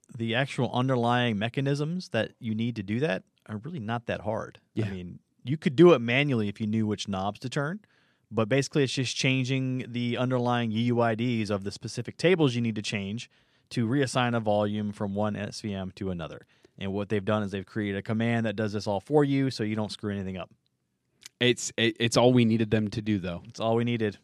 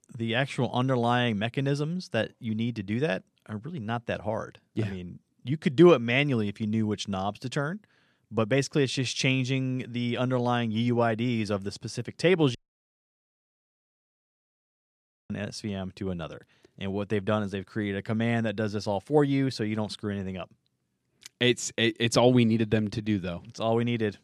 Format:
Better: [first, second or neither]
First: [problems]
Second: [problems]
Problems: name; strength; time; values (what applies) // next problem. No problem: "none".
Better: first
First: none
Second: audio cutting out; at 13 s for 3 s